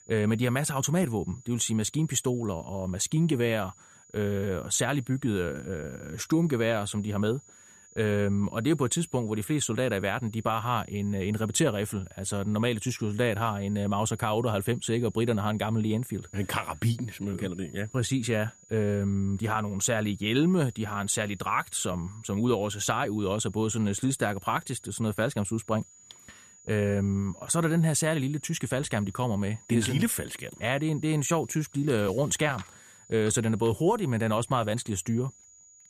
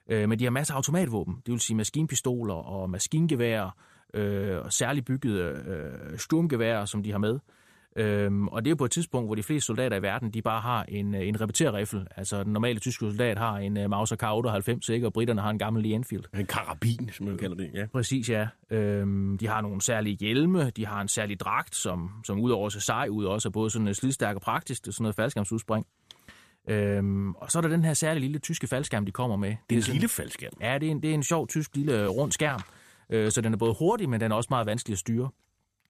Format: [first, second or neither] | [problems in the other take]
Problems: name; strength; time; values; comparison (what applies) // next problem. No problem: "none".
second | high-pitched whine; faint; throughout; 7 kHz, 25 dB below the speech